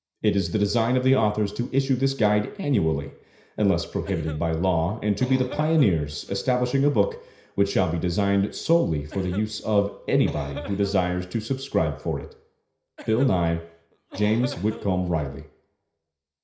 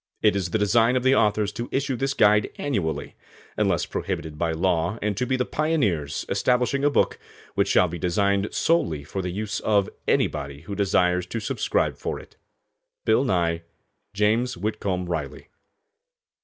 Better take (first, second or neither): second